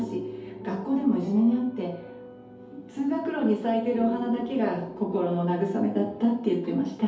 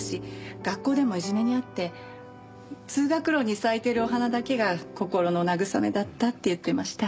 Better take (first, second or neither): second